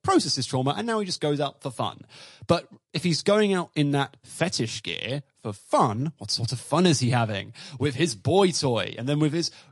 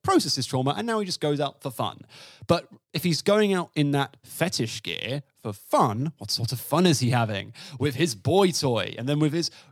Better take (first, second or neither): second